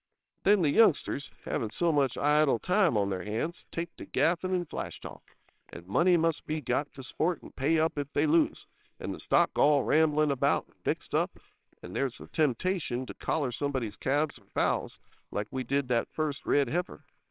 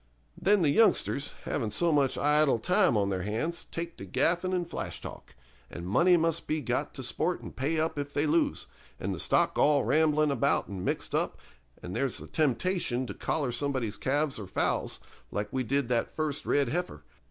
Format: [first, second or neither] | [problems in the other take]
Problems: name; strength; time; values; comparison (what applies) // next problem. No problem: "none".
second | noise reduction (neural separator model SepFormer WHAMR!)